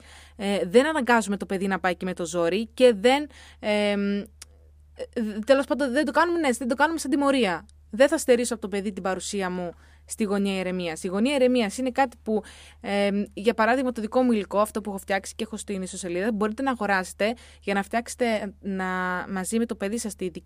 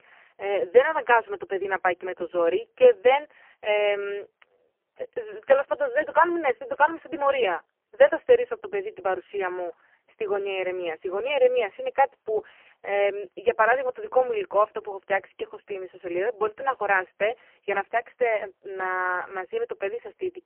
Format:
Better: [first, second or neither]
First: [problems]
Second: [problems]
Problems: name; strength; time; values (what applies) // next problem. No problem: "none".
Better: first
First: none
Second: phone-call audio; poor line; nothing above 3 kHz